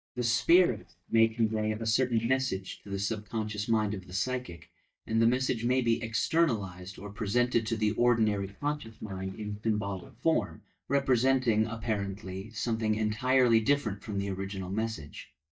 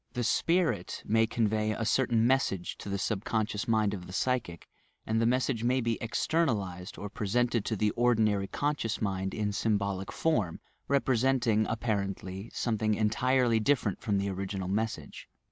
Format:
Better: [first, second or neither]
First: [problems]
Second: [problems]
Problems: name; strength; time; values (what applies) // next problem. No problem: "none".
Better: second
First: noise reduction (neural mask model DeepFilterNet 3)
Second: none